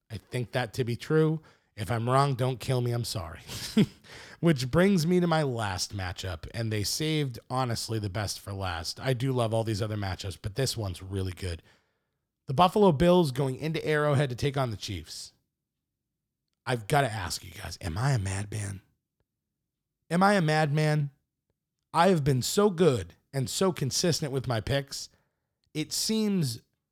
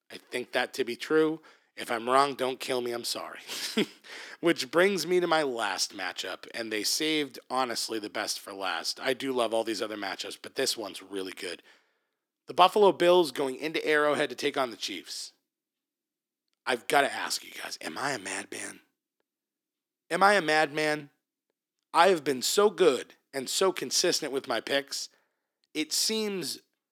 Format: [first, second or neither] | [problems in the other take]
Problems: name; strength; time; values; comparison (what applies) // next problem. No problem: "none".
first | thin; somewhat; fading below 300 Hz